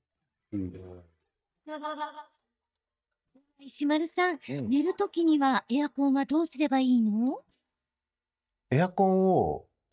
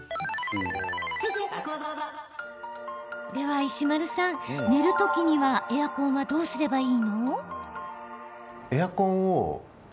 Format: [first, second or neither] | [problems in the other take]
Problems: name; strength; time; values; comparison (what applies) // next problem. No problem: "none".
second | noise reduction (neural mask model DeepFilterNet 3)